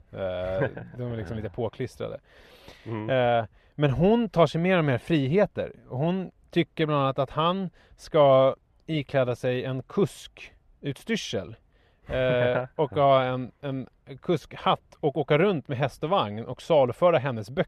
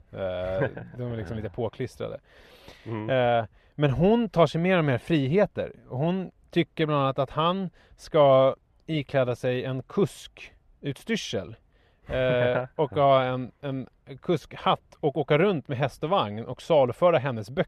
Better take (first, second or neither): neither